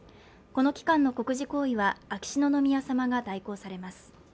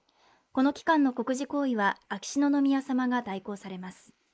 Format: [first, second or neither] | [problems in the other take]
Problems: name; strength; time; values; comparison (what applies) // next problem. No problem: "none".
first | noise reduction (neural mask model Resemble Enhance denoiser)